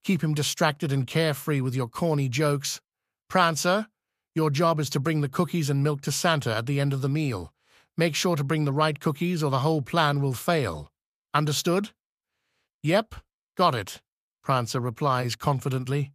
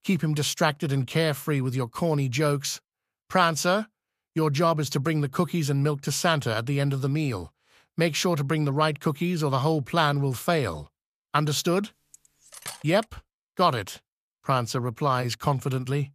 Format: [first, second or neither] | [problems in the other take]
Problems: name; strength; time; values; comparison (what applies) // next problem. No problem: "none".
first | clattering dishes; faint; at 12 s; peak 15 dB below the speech